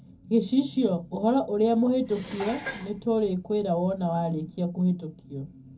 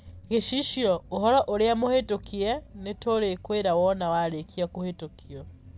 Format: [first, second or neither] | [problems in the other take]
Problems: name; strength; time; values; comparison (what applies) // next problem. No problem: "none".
second | background sound (Dishes, pots, and pans); 16 dB below the speech // room echo; dies away in 0.3 s